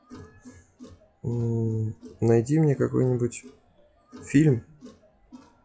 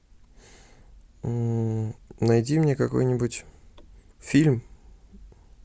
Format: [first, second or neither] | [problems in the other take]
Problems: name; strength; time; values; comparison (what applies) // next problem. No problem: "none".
second | noise reduction (classical method WPE with log-MMSE)